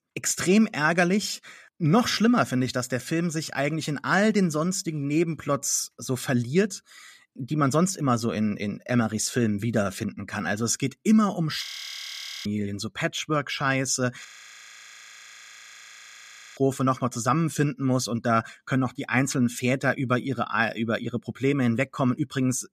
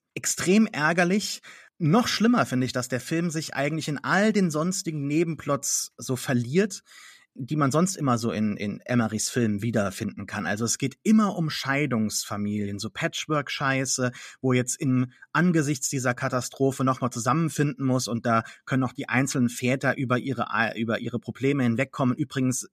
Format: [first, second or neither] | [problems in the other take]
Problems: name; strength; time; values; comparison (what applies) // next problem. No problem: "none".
second | audio freezing; at 12 s for 1 s and at 14 s for 2.5 s